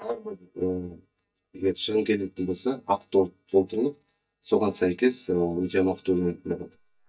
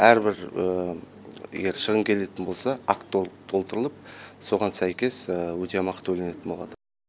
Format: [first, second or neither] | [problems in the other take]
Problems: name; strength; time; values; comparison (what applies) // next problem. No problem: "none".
second | noise reduction (neural mask model DeepFilterNet 3)